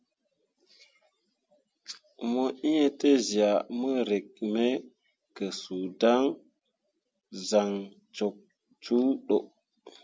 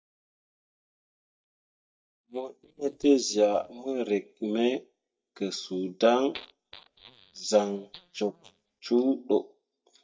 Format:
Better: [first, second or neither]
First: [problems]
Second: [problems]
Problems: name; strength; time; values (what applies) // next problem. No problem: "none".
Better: first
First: none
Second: noise reduction (neural mask model DeepFilterNet 3)